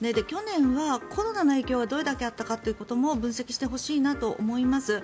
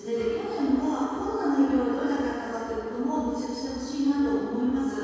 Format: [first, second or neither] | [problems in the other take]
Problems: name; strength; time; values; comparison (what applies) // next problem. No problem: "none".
first | room echo; dies away in 2.2 s